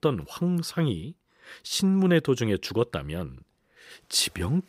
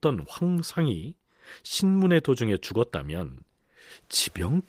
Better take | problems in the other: first | garbled, watery; slightly; nothing above 15.5 kHz

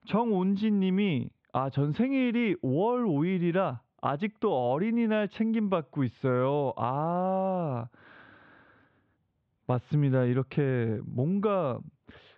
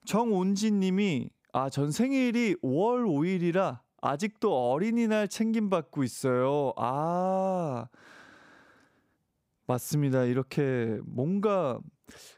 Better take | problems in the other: second | muffled; very; fading above 3.5 kHz

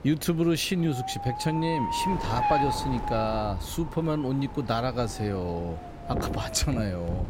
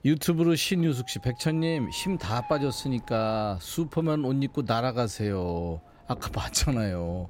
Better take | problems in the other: second | wind noise on the microphone; heavy; 1 dB above the speech; occasional gusts in the second

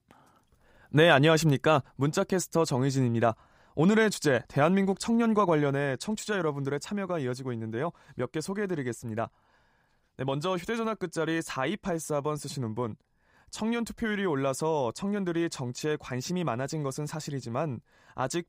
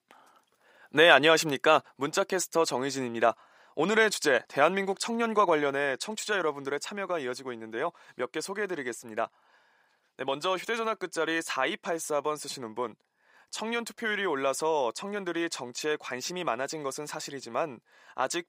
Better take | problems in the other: first | thin; somewhat; fading below 400 Hz

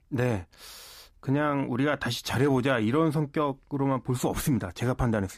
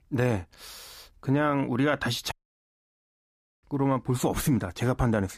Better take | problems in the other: first | audio cutting out; at 2.5 s for 1.5 s

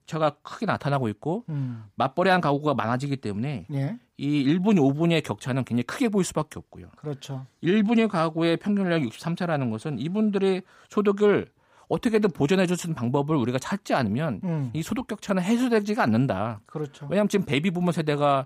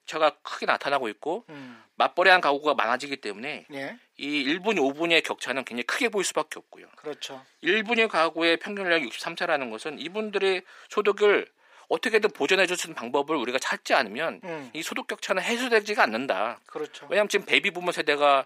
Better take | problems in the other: first | thin; somewhat; fading below 350 Hz

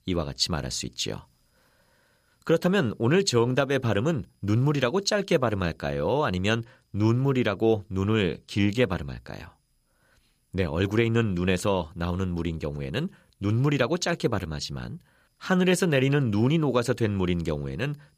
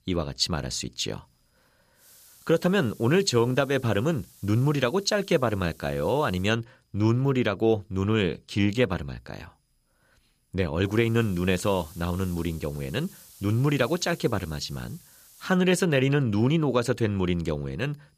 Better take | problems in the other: first | hiss; faint; from 2 to 6.5 s and from 11 to 16 s; 25 dB below the speech

